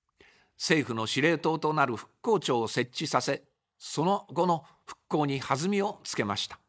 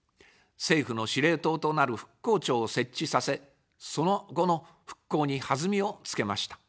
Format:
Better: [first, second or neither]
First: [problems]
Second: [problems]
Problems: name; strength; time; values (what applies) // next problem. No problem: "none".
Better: second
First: noise reduction (neural mask model Resemble Enhance denoiser)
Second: none